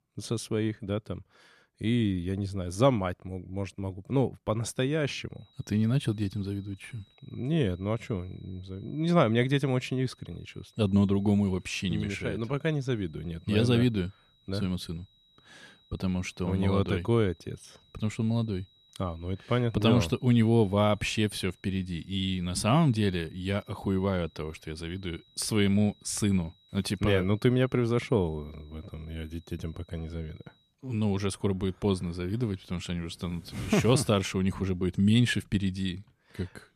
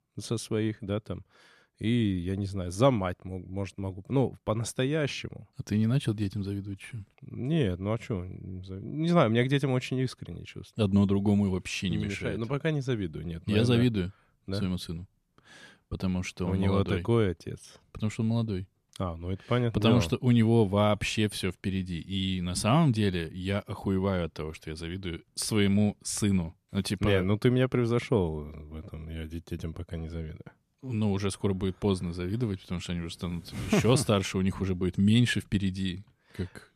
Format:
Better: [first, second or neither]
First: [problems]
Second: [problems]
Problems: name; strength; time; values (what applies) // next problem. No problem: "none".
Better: second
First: high-pitched whine; faint; from 5.5 to 31 s; 4 kHz, 35 dB below the speech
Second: none